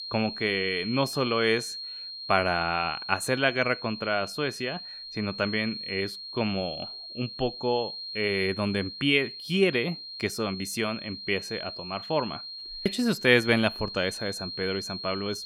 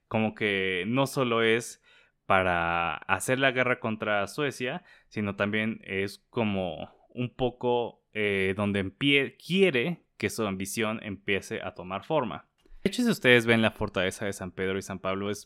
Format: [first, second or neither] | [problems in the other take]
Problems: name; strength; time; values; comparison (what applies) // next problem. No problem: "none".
second | high-pitched whine; loud; throughout; 4 kHz, 8 dB below the speech